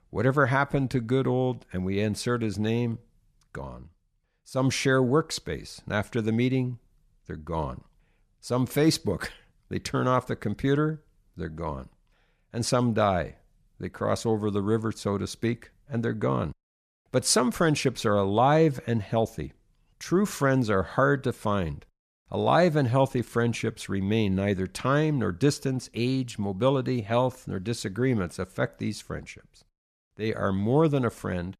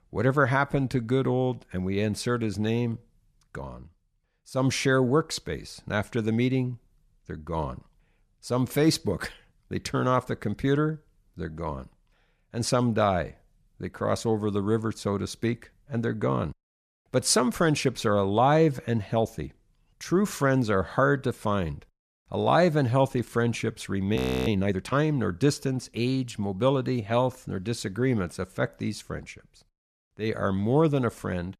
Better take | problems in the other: first | audio freezing; at 24 s

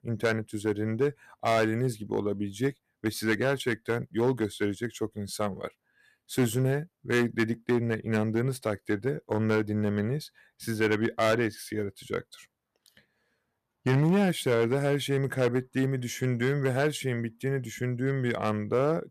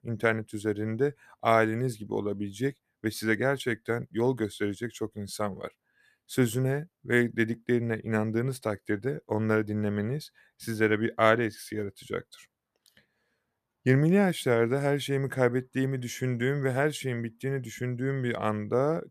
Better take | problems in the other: second | distortion; slight; 3% of the sound clipped

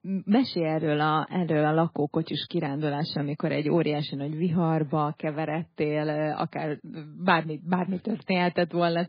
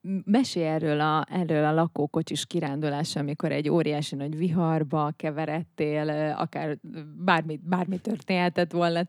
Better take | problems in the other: second | garbled, watery; badly; nothing above 4.5 kHz

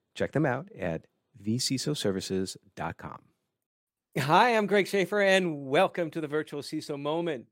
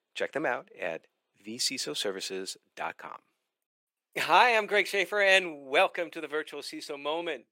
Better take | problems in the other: first | thin; somewhat; fading below 450 Hz

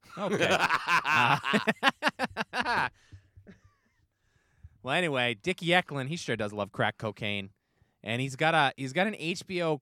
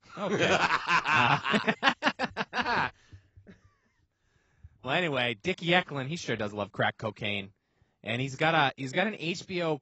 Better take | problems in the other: first | garbled, watery; badly; nothing above 7.5 kHz

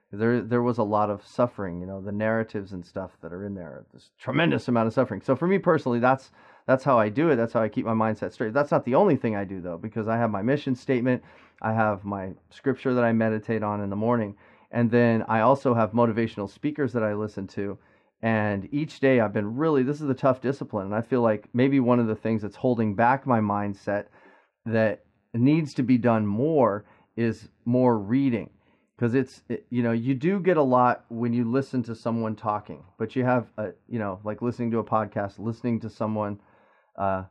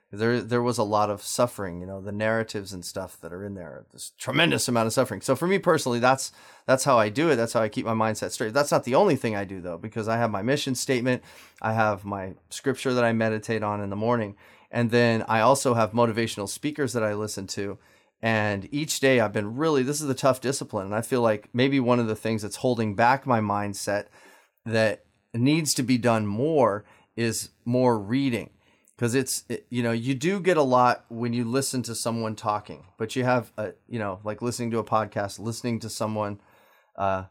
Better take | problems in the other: second | muffled; very; fading above 2 kHz

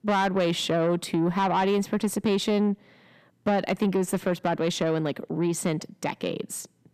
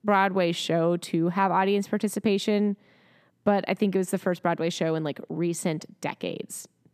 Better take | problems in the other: second | distortion; slight; 10 dB below the speech

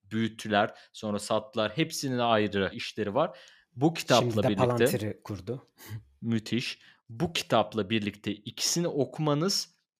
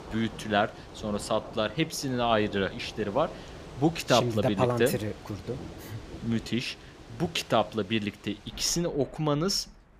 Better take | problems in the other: first | rain or running water; noticeable; throughout; 15 dB below the speech

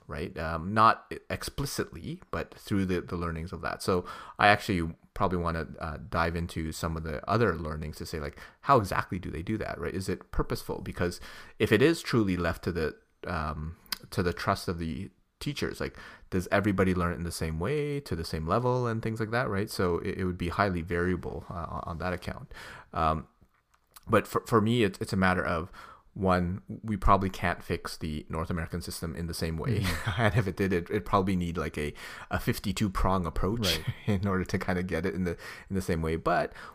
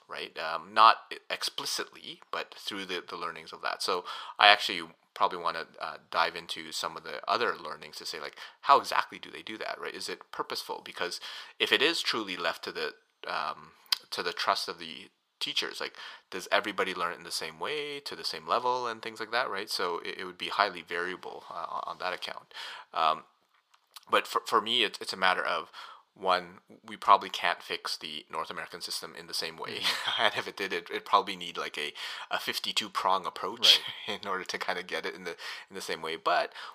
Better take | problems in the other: first | thin; very; fading below 450 Hz

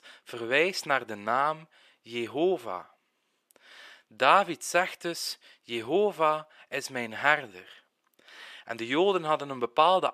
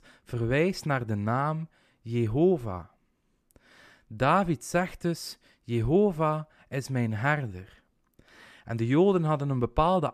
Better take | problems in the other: second | thin; very; fading below 500 Hz

